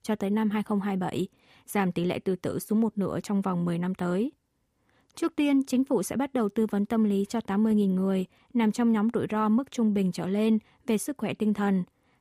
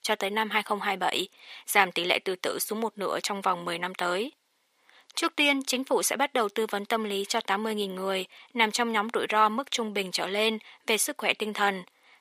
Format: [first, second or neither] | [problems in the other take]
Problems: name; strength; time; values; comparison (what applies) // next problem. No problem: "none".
first | thin; very; fading below 650 Hz